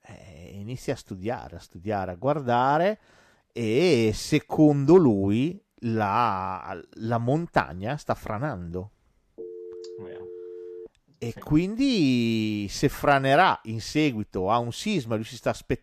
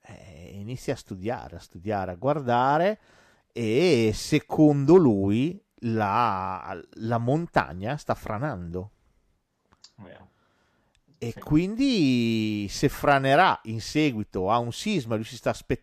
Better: second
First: phone ringing; faint; from 9.5 to 11 s; peak 15 dB below the speech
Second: none

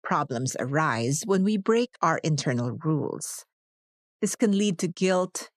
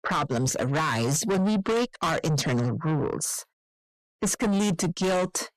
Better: first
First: none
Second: distortion; heavy; 6 dB below the speech

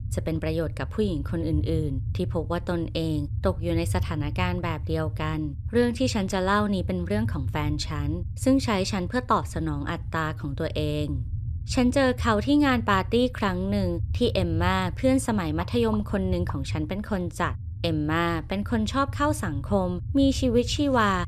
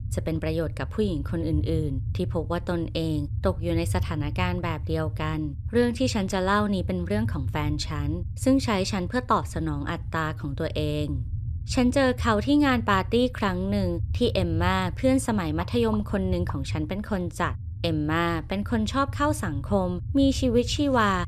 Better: neither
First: low rumble; faint; throughout; 20 dB below the speech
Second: low rumble; faint; throughout; 20 dB below the speech

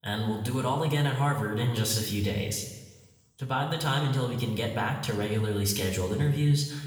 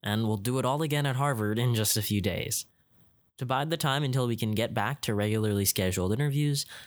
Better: second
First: room echo; noticeable; dies away in 1.1 s // off-mic speech; somewhat distant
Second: none

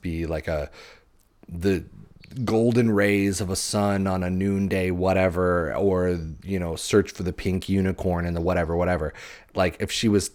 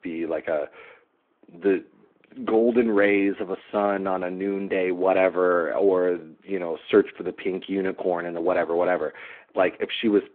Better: first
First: none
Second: phone-call audio

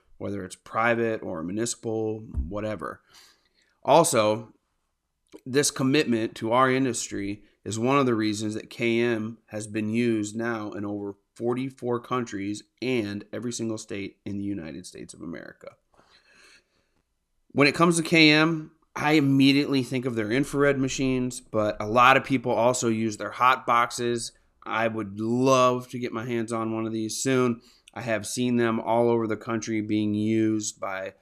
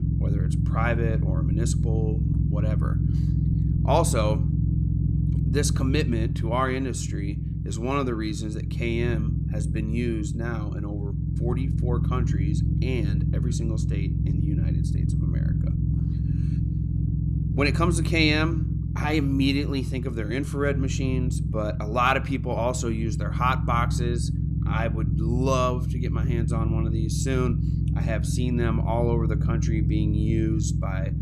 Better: first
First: none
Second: low rumble; loud; throughout; 8 dB below the speech

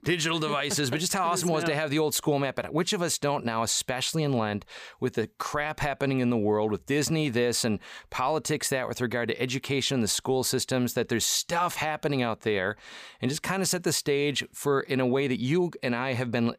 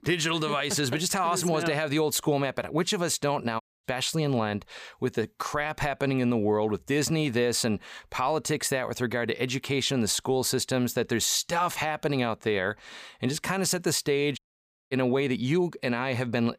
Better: first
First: none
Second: audio cutting out; at 3.5 s and at 14 s for 0.5 s

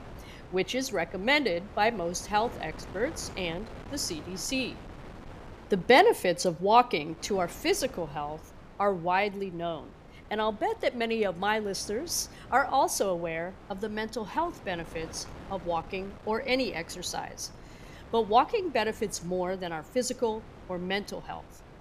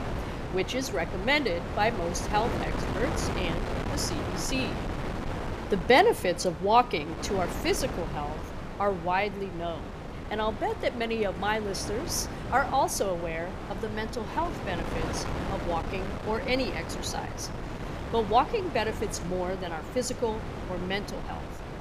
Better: first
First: wind noise on the microphone; occasional gusts; 20 dB below the speech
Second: wind noise on the microphone; heavy; 9 dB below the speech

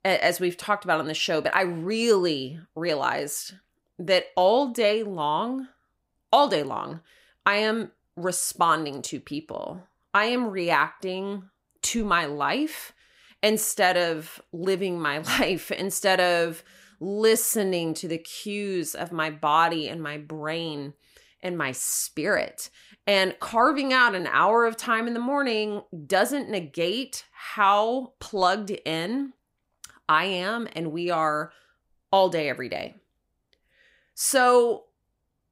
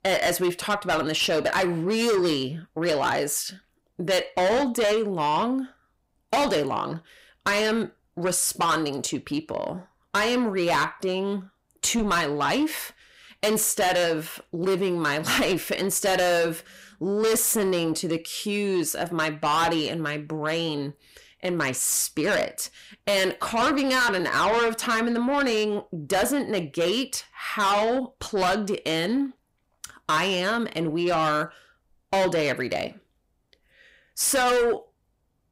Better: first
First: none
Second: distortion; heavy; 6 dB below the speech

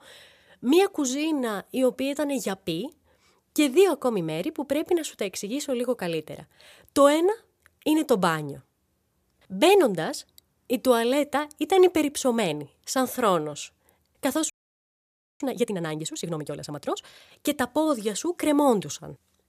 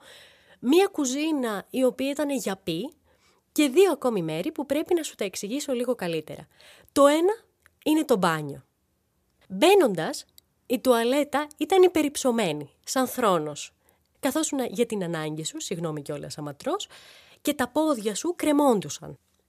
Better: second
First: audio freezing; at 15 s for 1 s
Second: none

